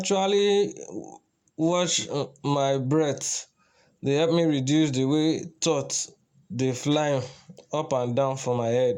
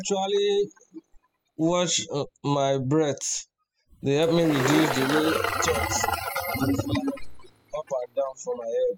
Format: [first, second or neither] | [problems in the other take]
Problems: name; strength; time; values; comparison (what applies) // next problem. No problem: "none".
first | noise reduction (classical method spectral subtraction)